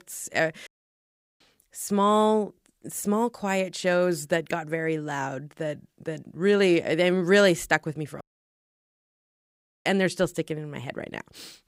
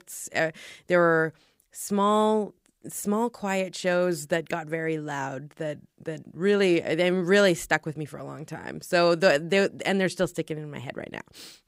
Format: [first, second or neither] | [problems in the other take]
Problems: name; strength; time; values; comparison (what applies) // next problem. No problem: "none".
second | audio cutting out; at 0.5 s for 0.5 s and at 8 s for 1.5 s